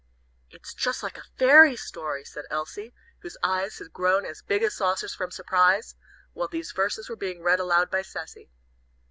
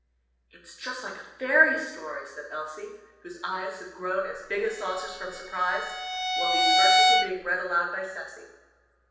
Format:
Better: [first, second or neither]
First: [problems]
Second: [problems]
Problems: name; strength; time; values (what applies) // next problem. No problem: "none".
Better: first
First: none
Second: background sound (Bowed string instrument); 5 dB above the speech // room echo; dies away in 0.9 s